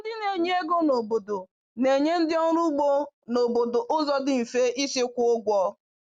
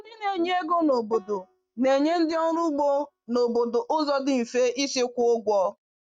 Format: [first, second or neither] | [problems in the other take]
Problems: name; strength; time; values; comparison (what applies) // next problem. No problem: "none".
first | noise reduction (neural mask model DeepFilterNet 3)